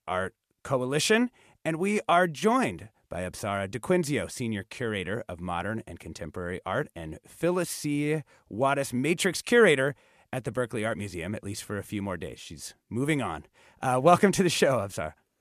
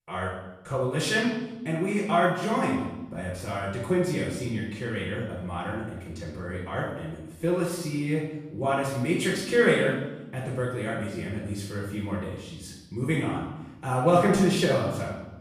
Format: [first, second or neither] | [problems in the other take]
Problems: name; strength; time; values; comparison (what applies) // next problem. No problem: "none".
first | off-mic speech; far // room echo; noticeable; dies away in 1 s